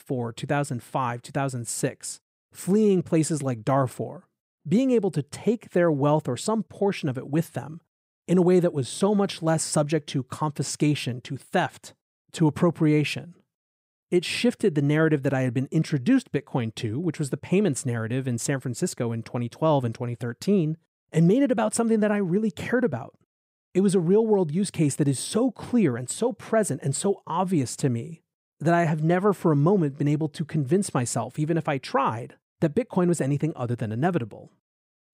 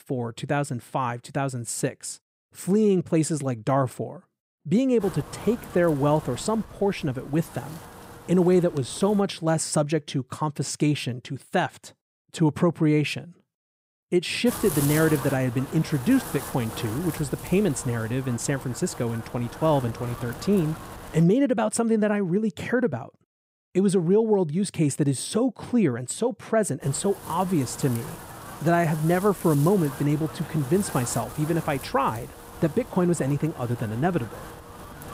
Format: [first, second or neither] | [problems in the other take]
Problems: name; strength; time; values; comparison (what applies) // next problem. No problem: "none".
first | wind noise on the microphone; occasional gusts; from 5 to 9 s, from 14 to 21 s and from 27 s on; 10 dB below the speech